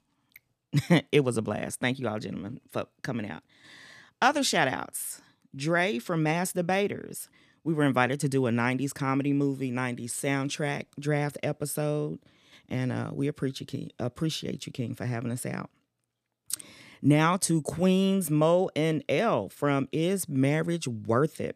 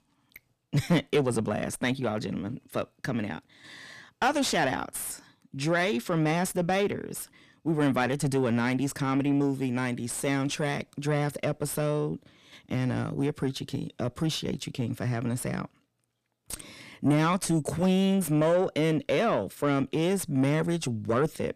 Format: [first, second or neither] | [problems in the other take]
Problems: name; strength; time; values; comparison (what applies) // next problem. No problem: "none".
first | distortion; slight; 10 dB below the speech